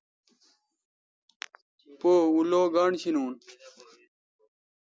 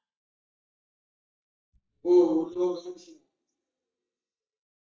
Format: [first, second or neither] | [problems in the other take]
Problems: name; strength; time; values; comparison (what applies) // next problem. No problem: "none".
first | noise reduction (neural mask model DeepFilterNet 3)